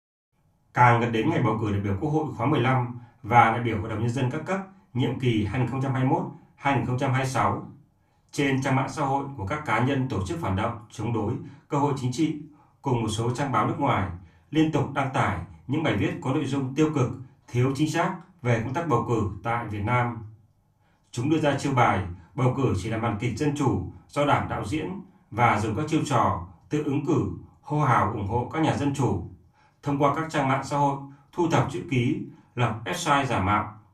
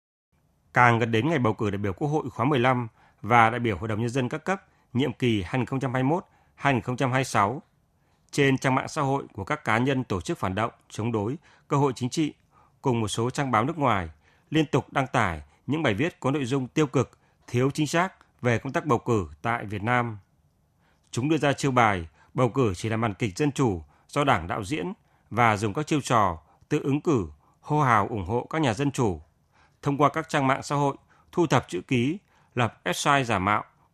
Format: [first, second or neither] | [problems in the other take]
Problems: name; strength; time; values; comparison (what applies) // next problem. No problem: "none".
second | off-mic speech; far // room echo; slight; dies away in 0.3 s